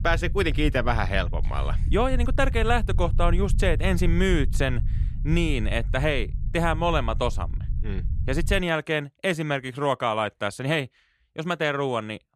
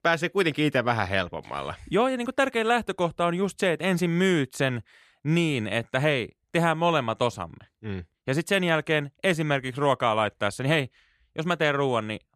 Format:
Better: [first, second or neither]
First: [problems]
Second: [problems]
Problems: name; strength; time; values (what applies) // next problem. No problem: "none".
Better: second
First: low rumble; noticeable; until 8.5 s; 20 dB below the speech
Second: none